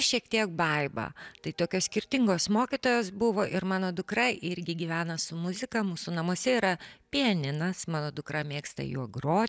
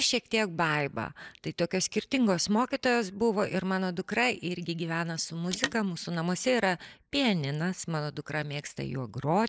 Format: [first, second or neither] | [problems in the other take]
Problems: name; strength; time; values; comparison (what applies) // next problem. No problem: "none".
first | noise reduction (neural mask model Resemble Enhance denoiser)